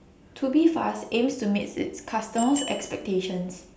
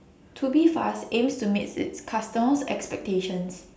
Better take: second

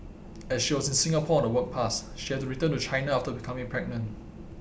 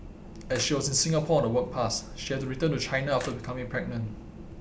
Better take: first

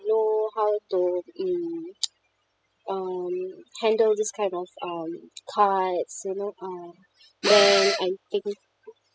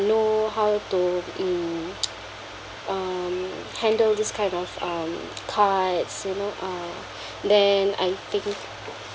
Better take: second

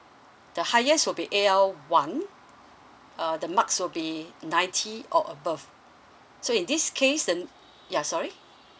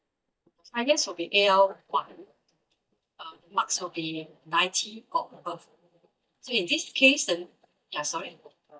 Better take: first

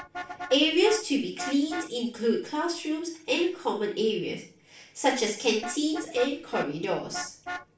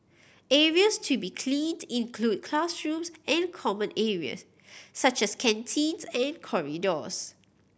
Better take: second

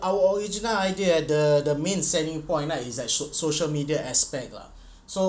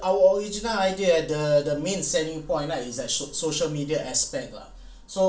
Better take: first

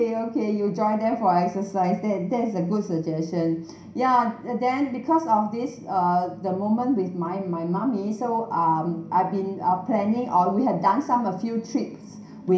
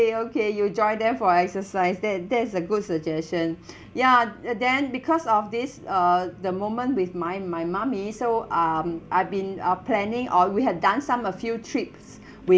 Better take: second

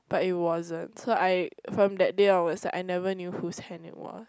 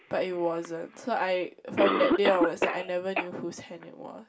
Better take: first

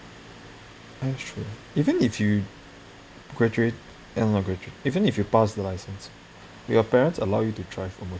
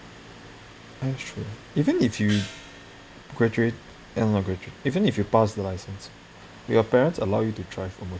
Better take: first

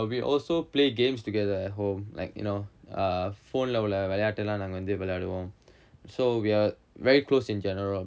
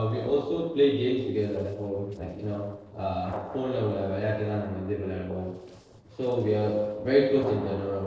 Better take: first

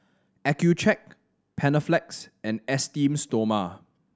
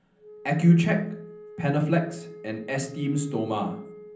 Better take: first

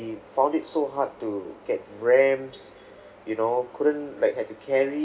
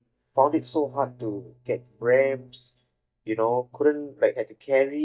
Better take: first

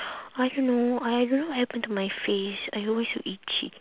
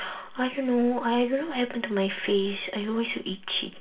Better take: first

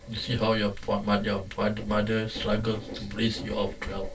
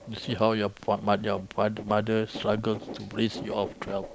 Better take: second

